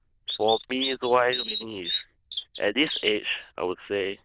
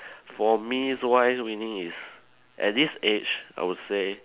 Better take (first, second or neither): second